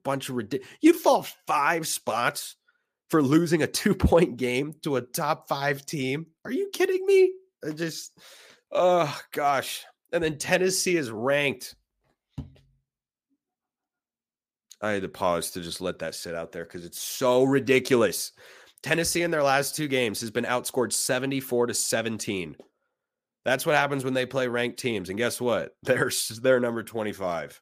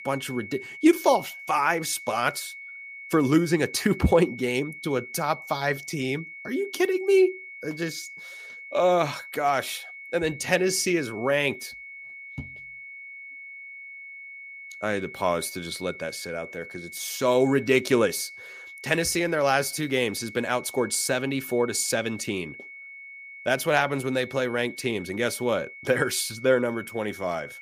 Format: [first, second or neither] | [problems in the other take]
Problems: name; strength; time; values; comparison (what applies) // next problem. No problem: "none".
first | high-pitched whine; noticeable; throughout; 2 kHz, 15 dB below the speech